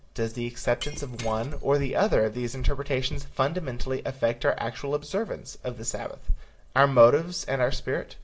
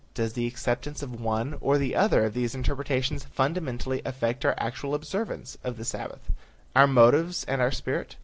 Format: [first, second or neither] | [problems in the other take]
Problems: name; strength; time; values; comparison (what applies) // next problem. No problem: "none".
second | background sound (Shatter); 19 dB below the speech // room echo; dies away in 0.3 s